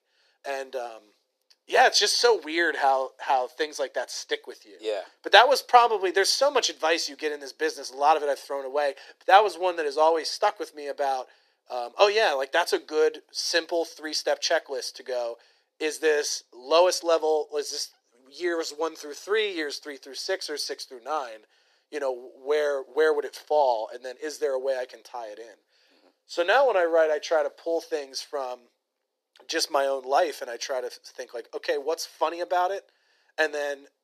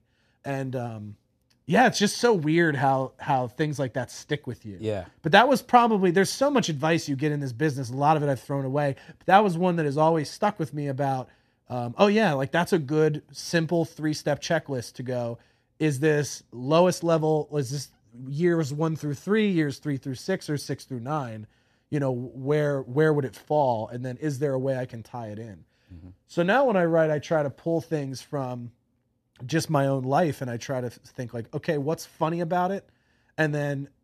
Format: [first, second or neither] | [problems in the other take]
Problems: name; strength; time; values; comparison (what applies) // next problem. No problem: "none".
second | thin; very; fading below 400 Hz